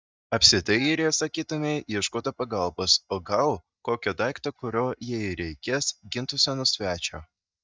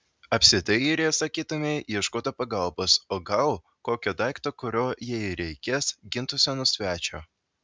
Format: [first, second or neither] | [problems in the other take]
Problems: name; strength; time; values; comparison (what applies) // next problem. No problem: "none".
second | noise reduction (neural mask model DeepFilterNet 3)